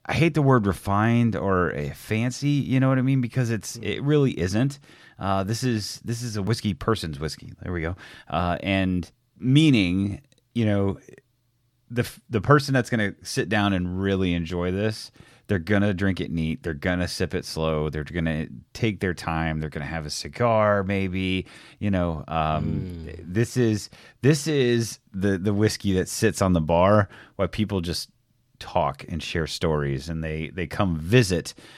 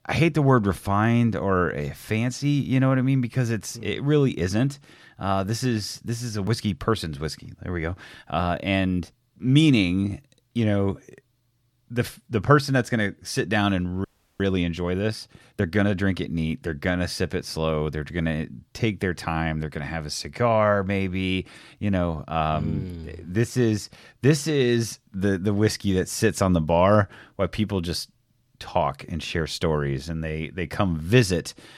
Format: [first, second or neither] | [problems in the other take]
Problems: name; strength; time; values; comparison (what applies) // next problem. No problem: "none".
first | audio freezing; at 14 s